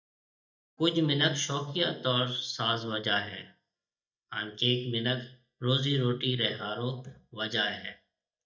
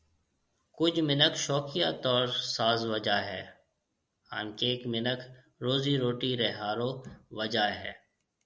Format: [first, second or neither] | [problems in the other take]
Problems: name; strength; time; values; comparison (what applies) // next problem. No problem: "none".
second | noise reduction (neural mask model DeepFilterNet 3)